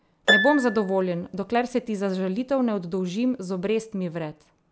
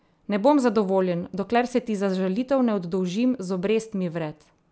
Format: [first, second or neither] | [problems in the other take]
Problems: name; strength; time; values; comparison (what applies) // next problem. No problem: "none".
second | background sound (Harp); 4 dB below the speech